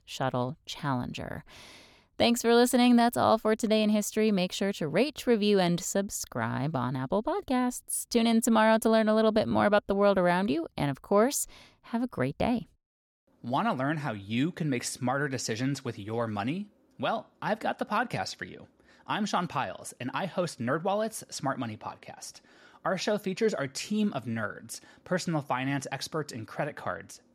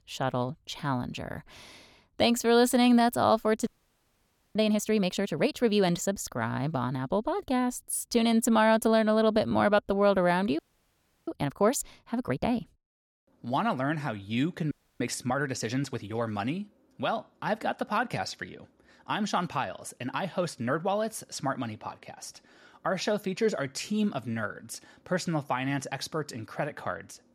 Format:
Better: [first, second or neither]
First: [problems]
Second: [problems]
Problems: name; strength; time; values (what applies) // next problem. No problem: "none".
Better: first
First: none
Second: audio freezing; at 3.5 s for 1 s, at 11 s for 0.5 s and at 15 s